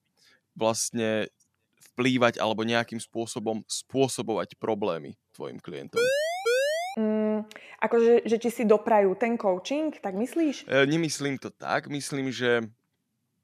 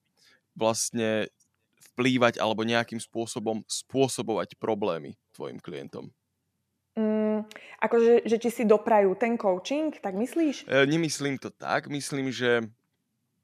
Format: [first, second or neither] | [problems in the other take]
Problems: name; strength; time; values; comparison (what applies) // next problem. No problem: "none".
second | siren; loud; at 6 s; peak 2 dB above the speech